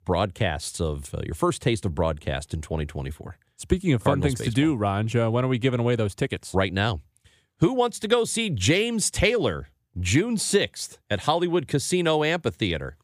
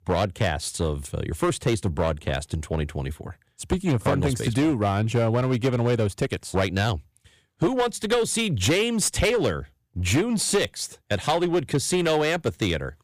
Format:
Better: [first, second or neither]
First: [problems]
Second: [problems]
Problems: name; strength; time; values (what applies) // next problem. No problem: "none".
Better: first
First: none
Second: distortion; slight; 8% of the sound clipped